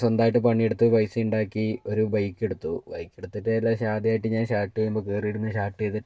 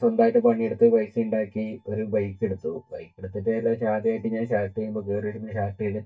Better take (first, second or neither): first